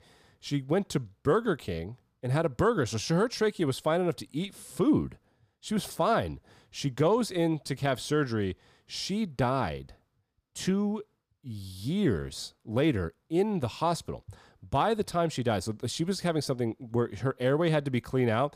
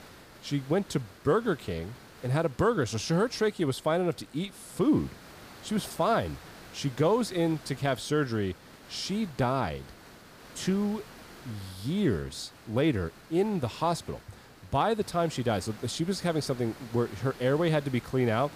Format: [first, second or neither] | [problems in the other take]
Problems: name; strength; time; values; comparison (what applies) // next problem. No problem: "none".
first | hiss; noticeable; throughout; 20 dB below the speech